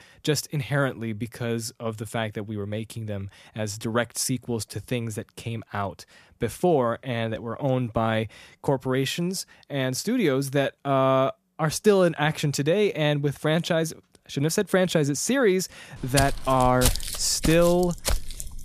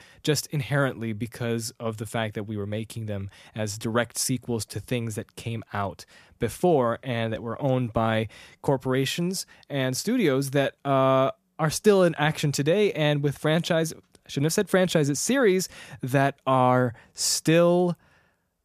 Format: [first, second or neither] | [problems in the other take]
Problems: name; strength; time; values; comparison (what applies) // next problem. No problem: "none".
second | footsteps; loud; from 16 s on; peak level with the speech